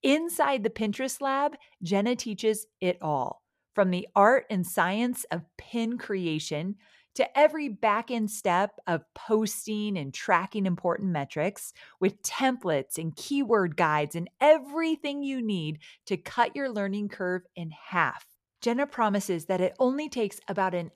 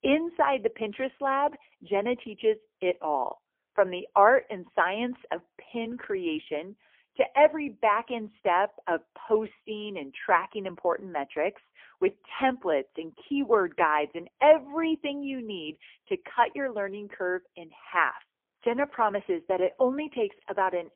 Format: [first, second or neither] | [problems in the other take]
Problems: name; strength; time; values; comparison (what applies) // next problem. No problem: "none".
first | phone-call audio; poor line; nothing above 3.5 kHz